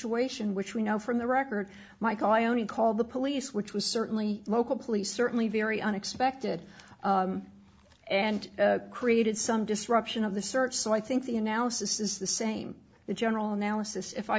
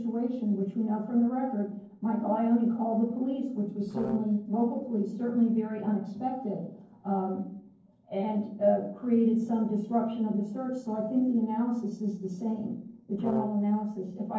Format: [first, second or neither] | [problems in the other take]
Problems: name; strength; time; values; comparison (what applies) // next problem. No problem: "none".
first | noise reduction (neural separator model SepFormer DNS4)